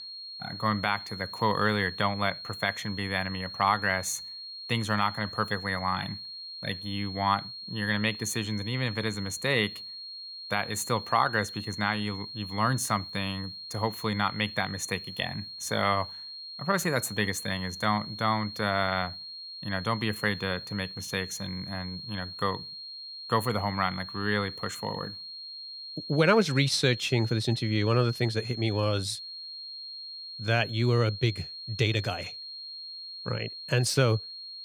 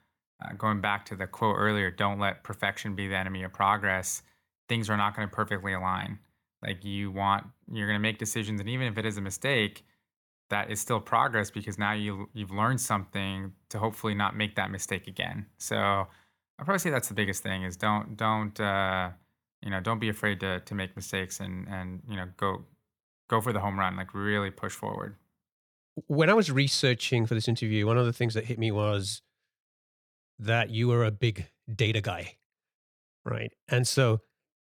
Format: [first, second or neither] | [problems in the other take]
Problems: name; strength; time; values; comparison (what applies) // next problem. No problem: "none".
second | high-pitched whine; loud; throughout; 4.5 kHz, 9 dB below the speech